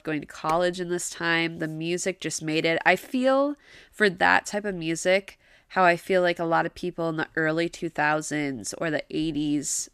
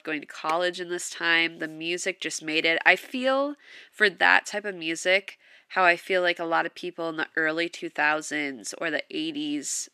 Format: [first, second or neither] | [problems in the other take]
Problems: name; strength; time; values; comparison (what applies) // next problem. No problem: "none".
first | thin; very slightly; fading below 300 Hz